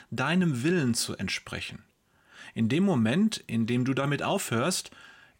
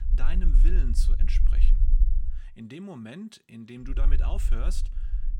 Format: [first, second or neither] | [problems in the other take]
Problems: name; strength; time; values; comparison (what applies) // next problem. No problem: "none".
first | low rumble; loud; until 2.5 s and from 4 s on; 8 dB below the speech